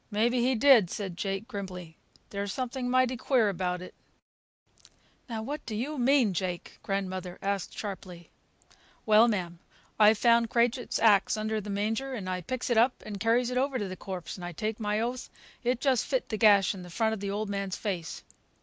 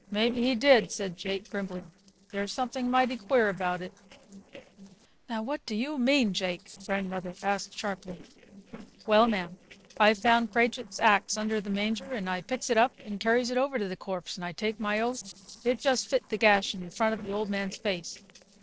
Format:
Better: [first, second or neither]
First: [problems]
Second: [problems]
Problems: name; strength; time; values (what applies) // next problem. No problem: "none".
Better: first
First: none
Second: noise reduction (neural separator model SepFormer DNS4)